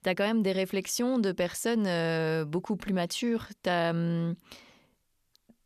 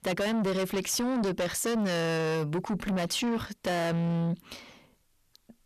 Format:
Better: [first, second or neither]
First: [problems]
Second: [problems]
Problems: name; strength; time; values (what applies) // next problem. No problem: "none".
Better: first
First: none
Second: distortion; heavy; 7 dB below the speech